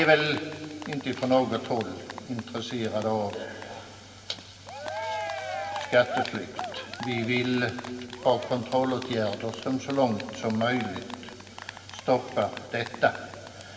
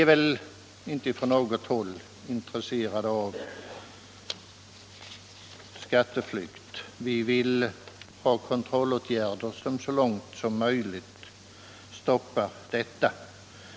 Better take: second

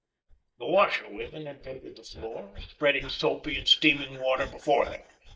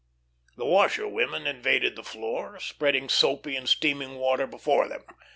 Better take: second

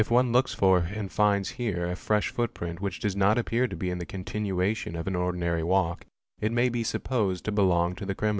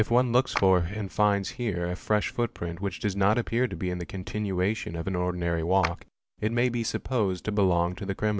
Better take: first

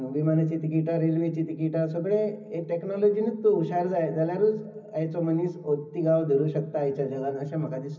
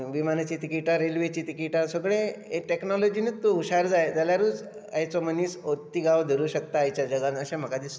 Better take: second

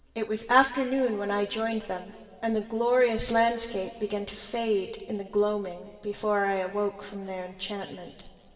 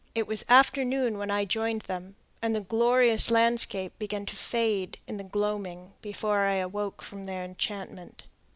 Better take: second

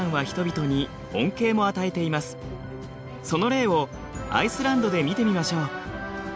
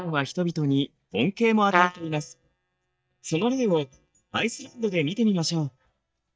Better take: first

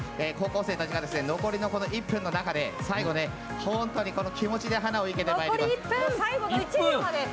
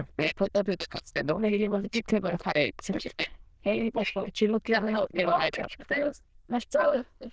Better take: first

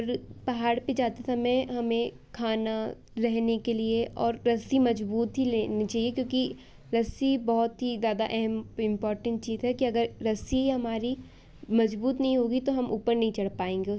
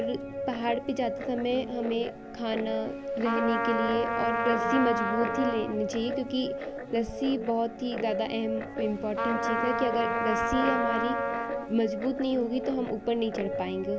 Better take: first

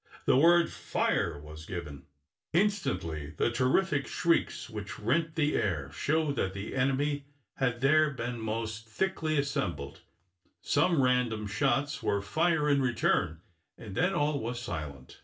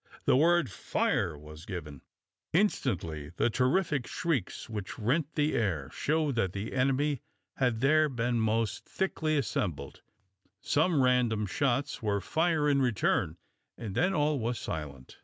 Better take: second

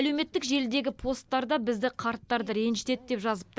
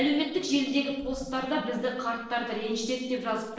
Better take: first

